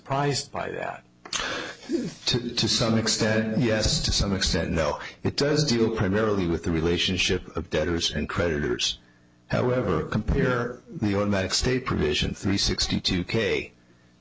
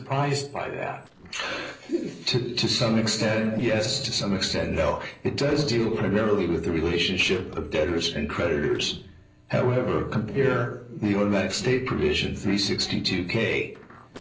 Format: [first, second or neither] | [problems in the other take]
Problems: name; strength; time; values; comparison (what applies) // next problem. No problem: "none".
first | noise reduction (neural separator model SepFormer DNS4)